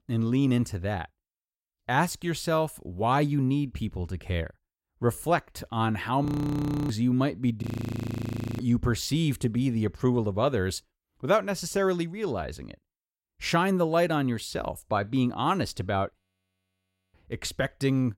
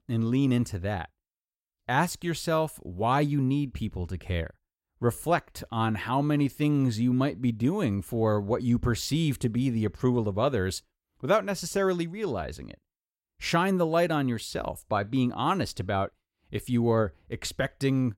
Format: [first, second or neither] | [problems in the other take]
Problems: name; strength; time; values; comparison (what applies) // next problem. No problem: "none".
second | audio freezing; at 6.5 s for 0.5 s, at 7.5 s for 1 s and at 16 s for 1 s